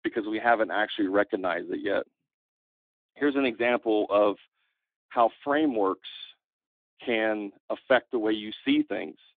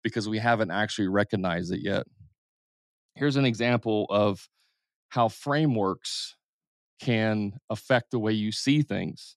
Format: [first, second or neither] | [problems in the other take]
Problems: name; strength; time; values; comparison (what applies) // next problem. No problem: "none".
second | phone-call audio